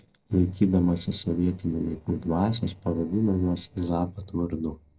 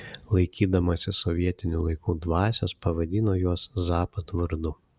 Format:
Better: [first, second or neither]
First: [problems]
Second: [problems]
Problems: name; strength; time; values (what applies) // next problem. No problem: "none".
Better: second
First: noise reduction (neural separator model SepFormer DNS4)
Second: none